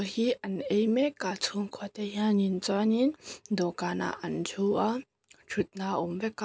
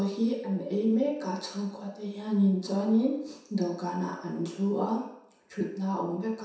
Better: first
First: none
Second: room echo; dies away in 0.7 s

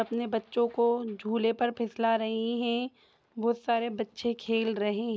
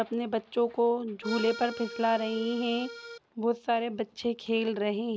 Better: first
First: none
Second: background sound (Accordion); 11 dB below the speech

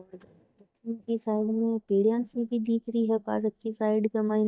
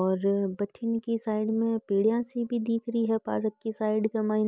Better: second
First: noise reduction (neural mask model DeepFilterNet 3)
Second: none

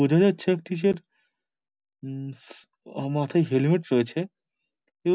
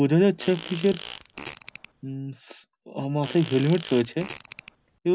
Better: first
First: none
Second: background sound (Fart); 16 dB below the speech

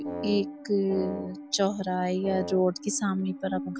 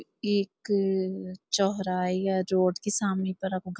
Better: second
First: background sound (Musical instrument + Wind instrument, woodwind instrument); 9 dB below the speech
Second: none

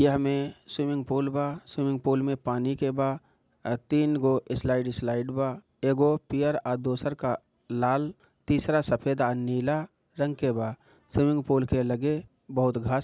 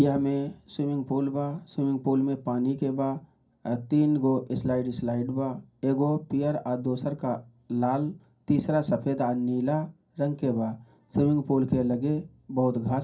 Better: first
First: none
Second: room echo; dies away in 0.3 s

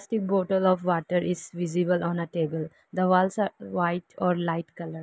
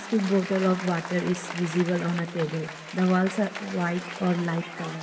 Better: first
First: none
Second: background sound (Applause / Cheering); 11 dB below the speech // room echo; dies away in 1.8 s

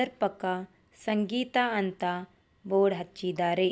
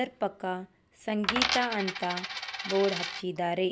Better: first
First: none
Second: background sound (Coin (dropping)); 2 dB below the speech

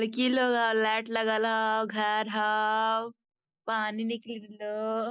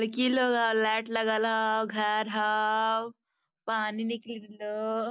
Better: second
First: noise reduction (neural mask model Resemble Enhance denoiser)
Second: none

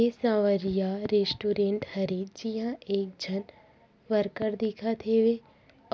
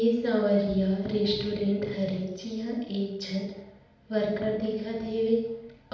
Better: first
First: none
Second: room echo; dies away in 0.7 s

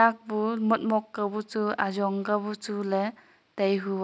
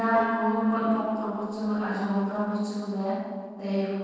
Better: first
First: none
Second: noise reduction (neural separator model SepFormer DNS4)

